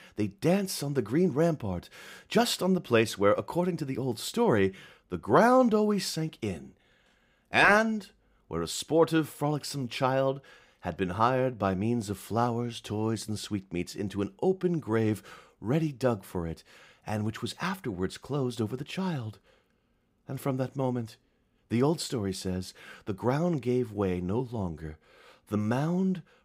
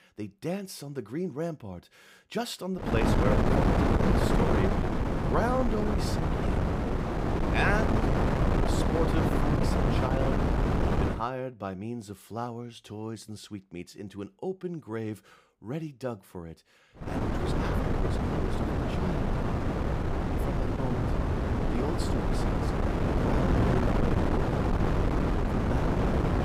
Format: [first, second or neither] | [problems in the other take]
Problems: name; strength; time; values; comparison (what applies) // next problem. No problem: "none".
first | wind noise on the microphone; heavy; from 3 to 11 s and from 17 s on; 5 dB above the speech